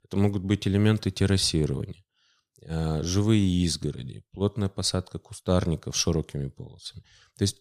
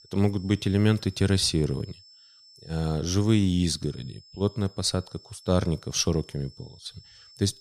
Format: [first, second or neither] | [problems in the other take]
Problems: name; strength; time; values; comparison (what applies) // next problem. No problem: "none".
first | high-pitched whine; faint; throughout; 5.5 kHz, 25 dB below the speech